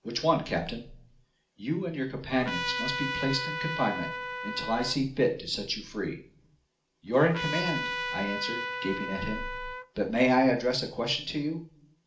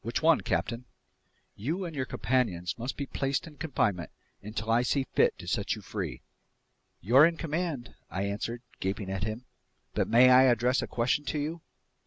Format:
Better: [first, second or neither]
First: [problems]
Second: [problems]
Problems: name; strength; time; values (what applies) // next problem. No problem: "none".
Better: second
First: background sound (Trumpet); 5 dB below the speech // room echo; dies away in 0.4 s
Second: none